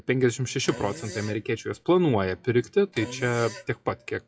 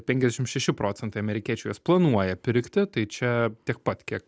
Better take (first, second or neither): second